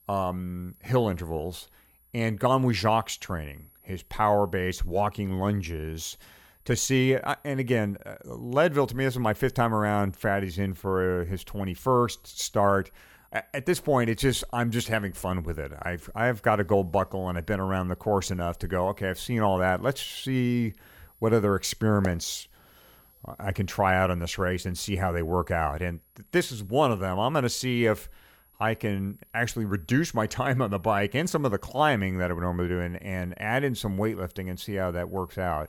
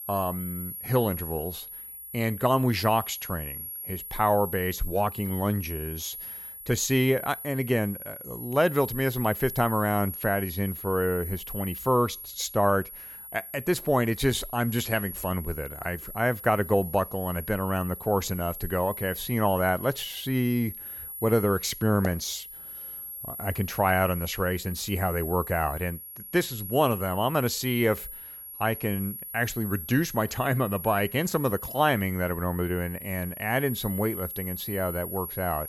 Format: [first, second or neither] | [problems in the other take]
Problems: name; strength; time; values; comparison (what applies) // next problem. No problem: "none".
first | high-pitched whine; loud; throughout; 11.5 kHz, 9 dB below the speech; faint in the first